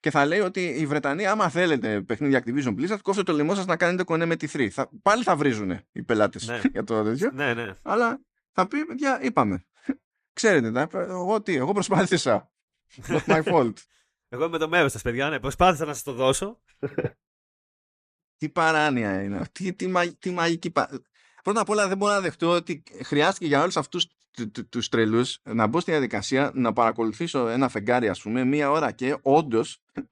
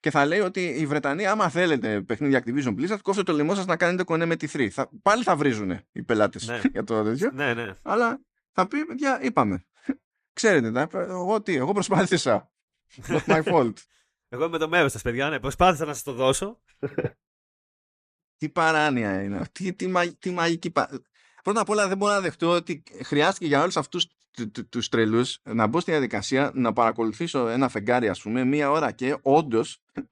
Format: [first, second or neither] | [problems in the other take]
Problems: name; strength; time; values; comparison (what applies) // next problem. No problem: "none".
neither | none